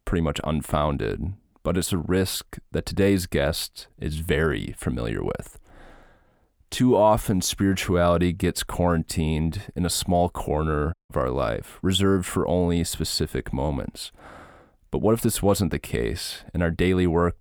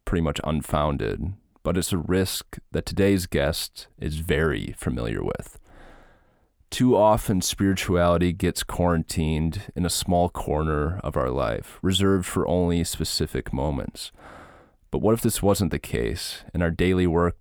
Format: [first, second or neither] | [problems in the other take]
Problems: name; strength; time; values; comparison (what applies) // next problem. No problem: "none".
second | audio cutting out; at 11 s